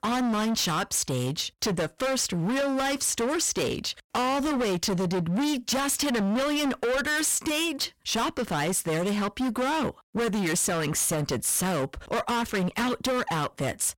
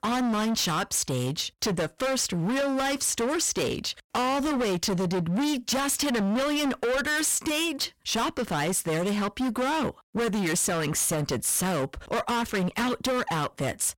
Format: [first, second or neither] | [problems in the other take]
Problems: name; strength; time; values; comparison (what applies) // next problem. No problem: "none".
neither | distortion; heavy; 35% of the sound clipped; the same in both